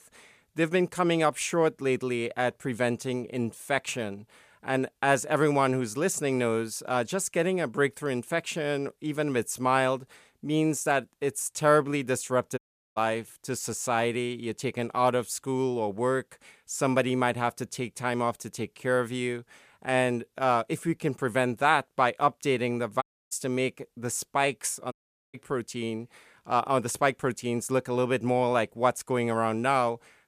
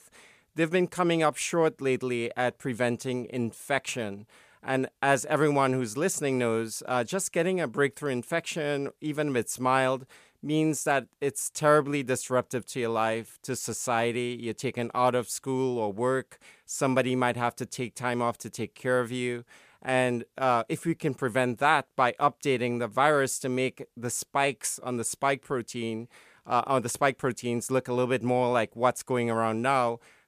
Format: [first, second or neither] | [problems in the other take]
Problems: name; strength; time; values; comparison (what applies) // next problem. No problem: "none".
second | audio cutting out; at 13 s, at 23 s and at 25 s